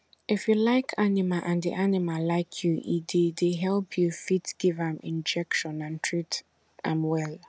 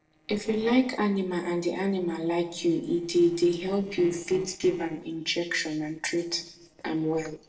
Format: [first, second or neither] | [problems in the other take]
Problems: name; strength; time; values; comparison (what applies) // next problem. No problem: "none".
first | noise reduction (neural separator model SepFormer DNS4)